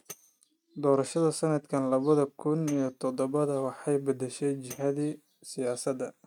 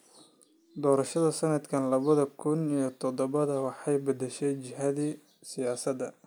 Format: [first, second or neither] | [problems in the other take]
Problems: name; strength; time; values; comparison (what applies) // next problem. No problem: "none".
second | noise reduction (neural mask model RNNoise)